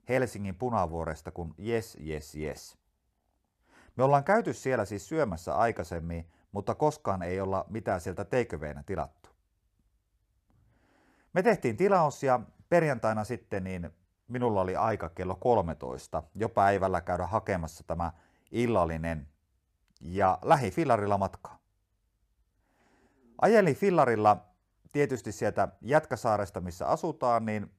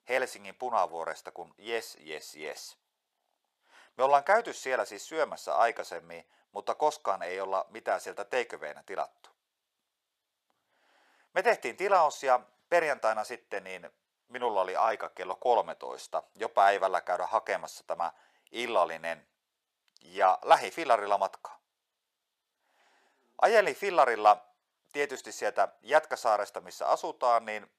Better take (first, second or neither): first